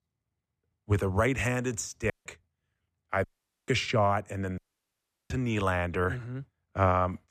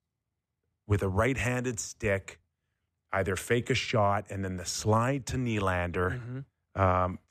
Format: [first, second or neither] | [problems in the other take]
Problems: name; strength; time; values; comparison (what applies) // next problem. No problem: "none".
second | audio cutting out; at 2 s, at 3 s and at 4.5 s for 0.5 s